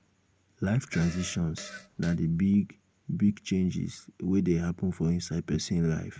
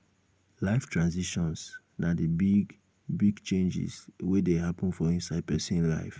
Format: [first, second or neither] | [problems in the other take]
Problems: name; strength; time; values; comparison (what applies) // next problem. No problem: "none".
second | background sound (Fart); 18 dB below the speech